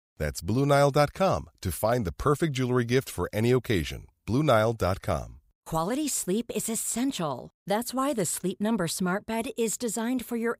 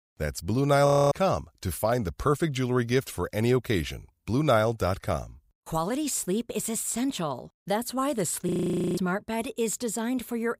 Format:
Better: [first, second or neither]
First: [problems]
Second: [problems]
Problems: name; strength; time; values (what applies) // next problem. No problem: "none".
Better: first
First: none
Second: audio freezing; at 1 s and at 8.5 s